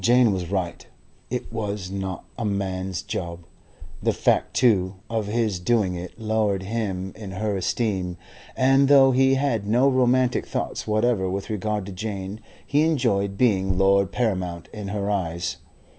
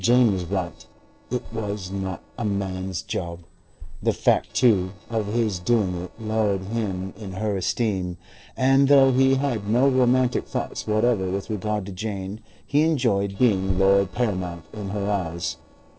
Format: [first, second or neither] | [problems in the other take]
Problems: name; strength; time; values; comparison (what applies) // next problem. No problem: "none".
first | noise reduction (neural separator model SepFormer DNS4)